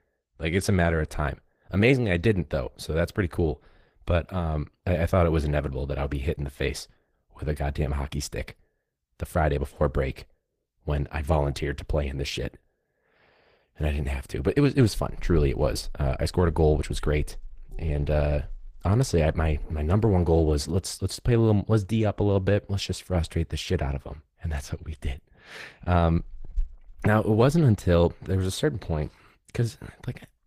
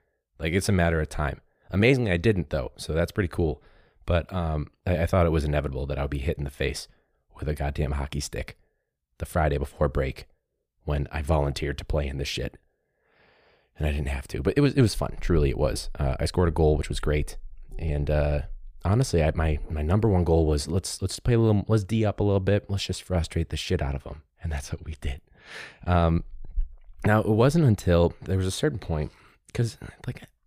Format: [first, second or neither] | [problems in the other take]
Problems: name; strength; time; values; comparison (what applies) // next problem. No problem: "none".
second | garbled, watery; slightly; nothing above 15 kHz